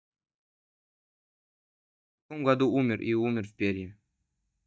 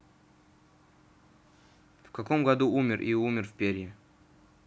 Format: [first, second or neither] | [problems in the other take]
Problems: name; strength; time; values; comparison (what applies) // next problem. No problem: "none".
second | noise reduction (neural mask model DeepFilterNet 3)